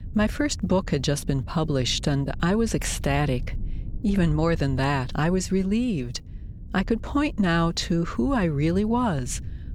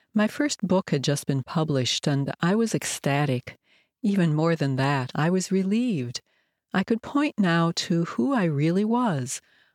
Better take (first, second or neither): second